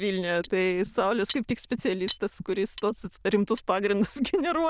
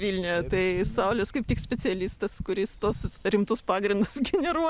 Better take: second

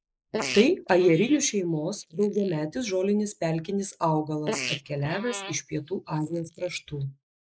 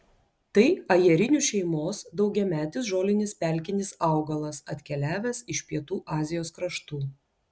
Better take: second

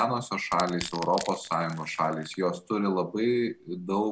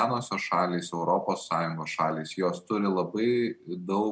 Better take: second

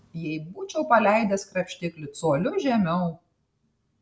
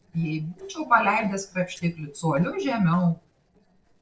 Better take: first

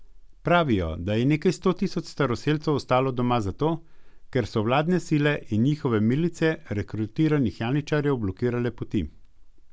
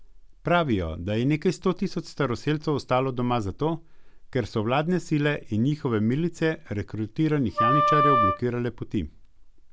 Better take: first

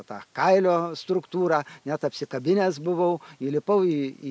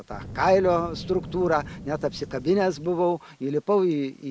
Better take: first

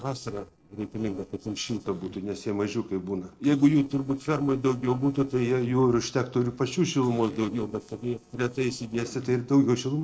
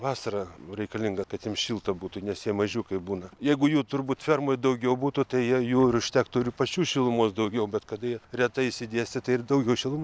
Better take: second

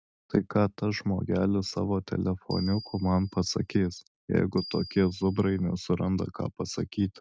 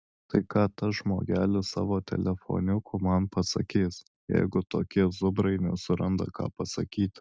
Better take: second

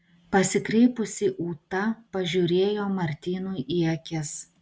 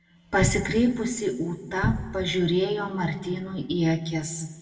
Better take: first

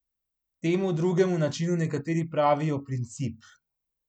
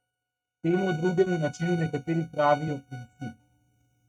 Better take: first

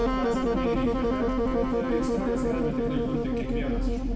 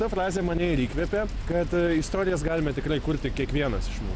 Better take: second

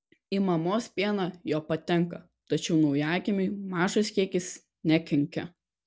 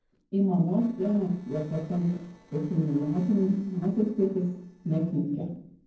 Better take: first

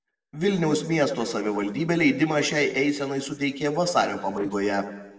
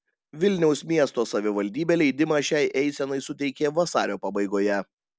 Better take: second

